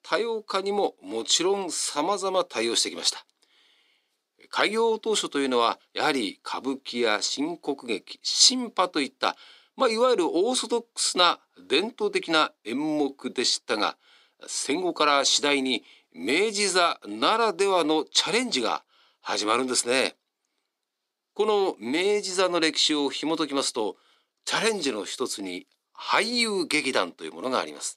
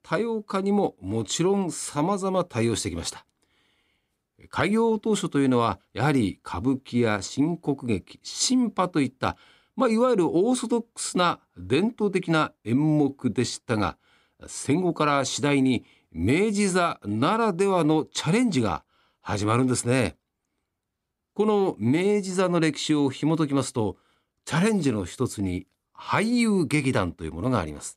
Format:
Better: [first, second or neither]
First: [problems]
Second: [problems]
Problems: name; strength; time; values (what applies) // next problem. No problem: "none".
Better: second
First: thin; somewhat; fading below 350 Hz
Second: none